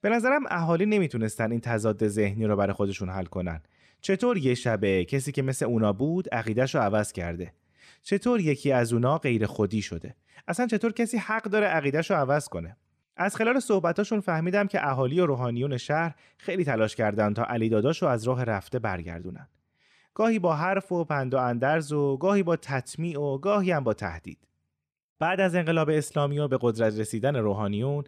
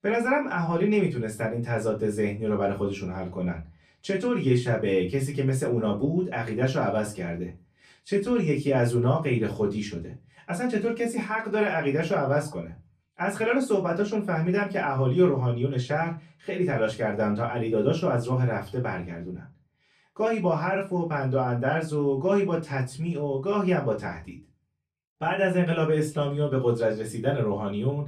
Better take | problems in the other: first | off-mic speech; far // room echo; very slight; dies away in 0.2 s

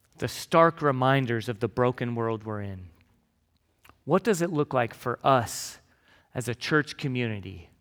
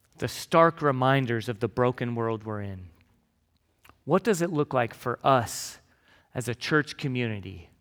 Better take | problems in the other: neither | none

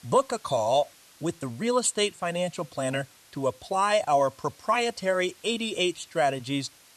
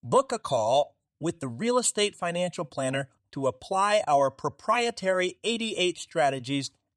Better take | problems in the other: second | hiss; faint; throughout; 25 dB below the speech

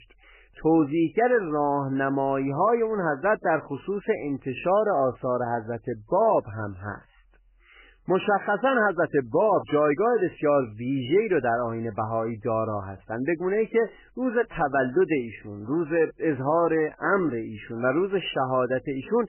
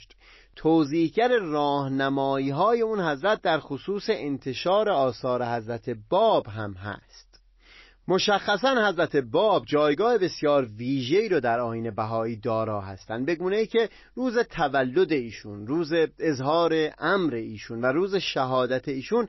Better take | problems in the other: second | garbled, watery; badly; nothing above 3 kHz; slightly in the second

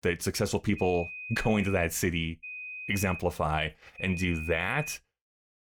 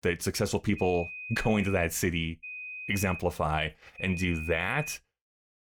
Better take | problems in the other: neither | high-pitched whine; loud; from 1 to 2 s, at 2.5 s and at 4 s; 2.5 kHz, 9 dB below the speech; the same in both

